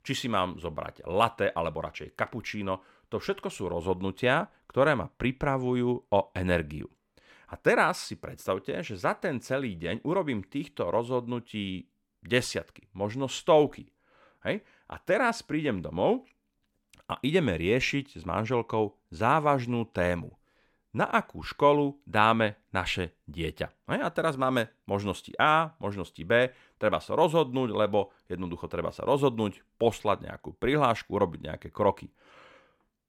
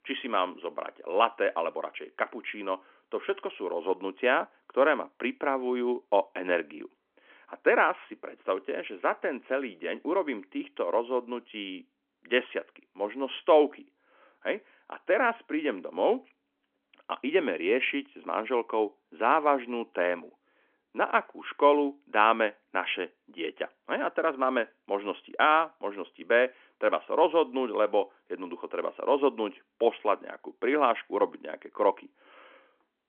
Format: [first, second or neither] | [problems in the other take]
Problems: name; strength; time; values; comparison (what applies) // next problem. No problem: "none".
first | phone-call audio; nothing above 3.5 kHz